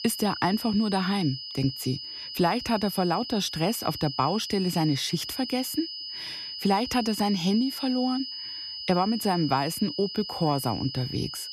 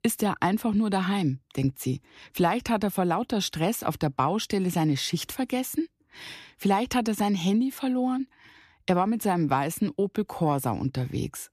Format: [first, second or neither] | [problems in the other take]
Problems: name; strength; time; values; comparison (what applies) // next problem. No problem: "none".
second | high-pitched whine; loud; throughout; 5 kHz, 7 dB below the speech